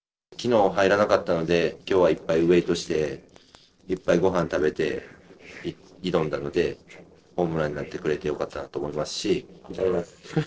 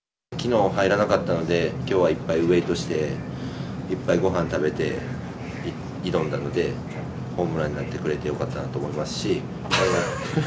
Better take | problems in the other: second | noise reduction (neural separator model SepFormer DNS4)

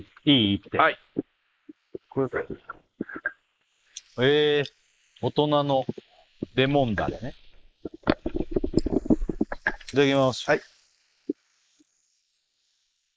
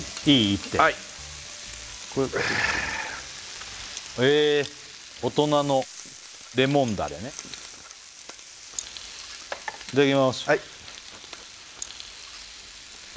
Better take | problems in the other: second | noise reduction (neural mask model Resemble Enhance denoiser)

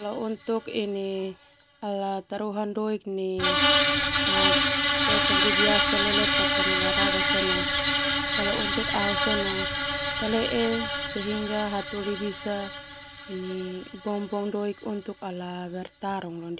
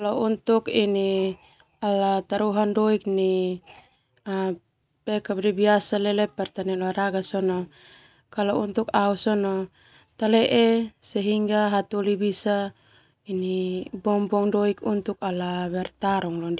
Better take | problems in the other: second | background sound (Screech); 4 dB above the speech

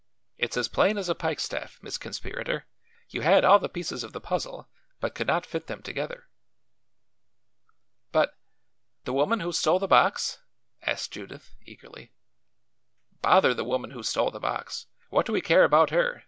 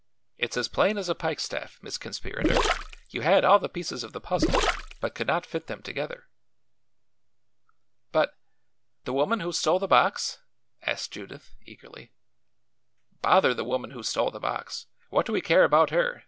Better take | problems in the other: first | background sound (Gurgling); as loud as the speech

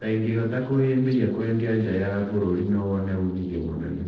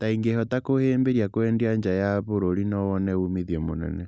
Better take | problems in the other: second | noise reduction (neural separator model SepFormer DNS4)

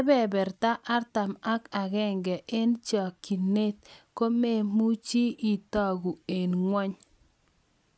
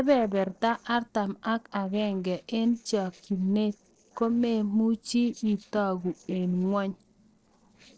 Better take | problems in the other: first | noise reduction (neural separator model SepFormer DNS4)

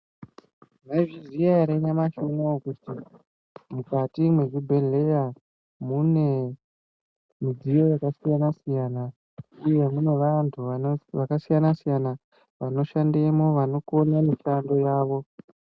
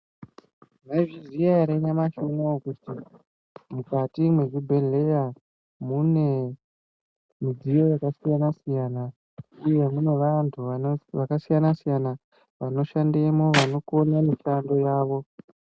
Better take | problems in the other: first | background sound (Clapping); 6 dB below the speech

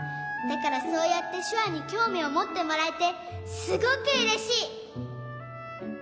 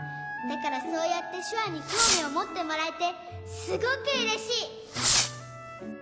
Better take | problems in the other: first | background sound (Fireworks); 1 dB above the speech

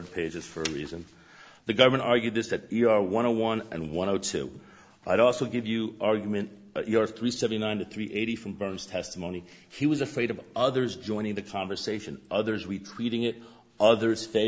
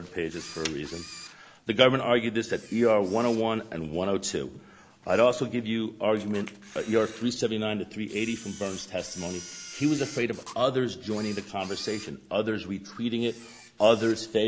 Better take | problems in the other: first | background sound (Camera); 20 dB below the speech

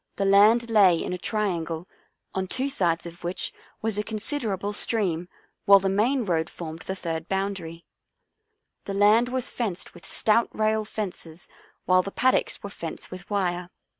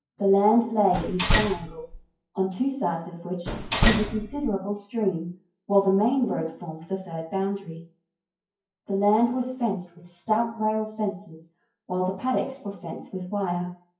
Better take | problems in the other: first | noise reduction (classical method WPE with log-MMSE)

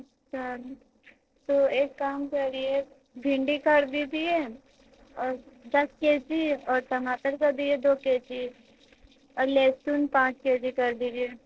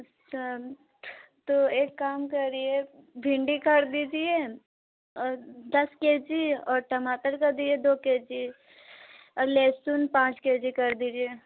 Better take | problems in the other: second | noise reduction (neural separator model SepFormer DNS4)

